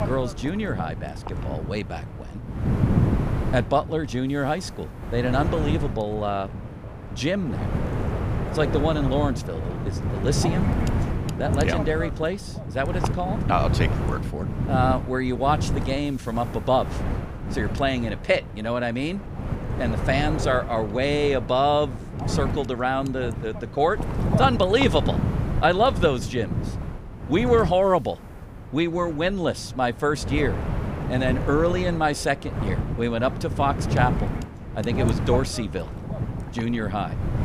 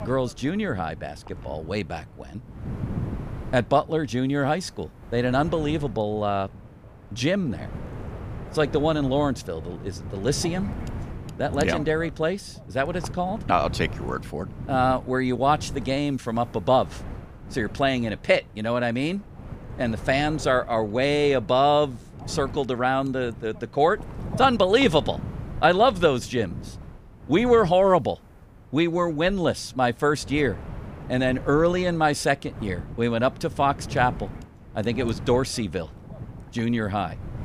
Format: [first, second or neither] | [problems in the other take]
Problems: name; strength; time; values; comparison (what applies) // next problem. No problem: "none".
second | wind noise on the microphone; heavy; 10 dB below the speech; occasional gusts in the second